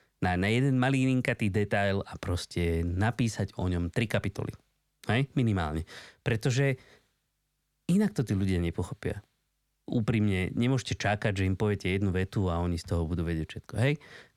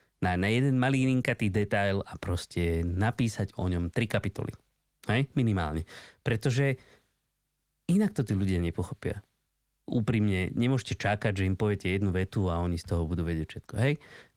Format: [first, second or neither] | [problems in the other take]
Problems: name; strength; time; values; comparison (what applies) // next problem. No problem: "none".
first | garbled, watery; slightly; nothing above 15.5 kHz